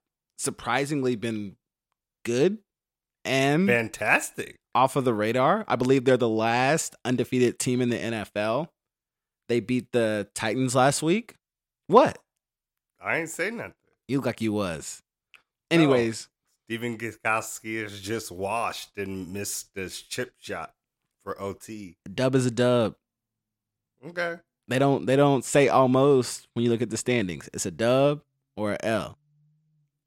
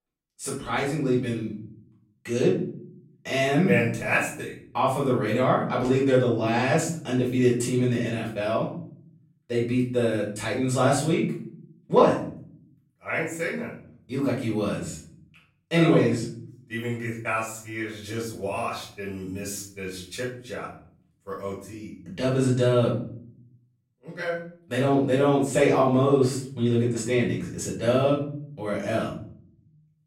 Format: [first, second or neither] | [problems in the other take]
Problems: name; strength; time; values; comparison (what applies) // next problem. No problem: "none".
first | off-mic speech; far // room echo; noticeable; dies away in 0.7 s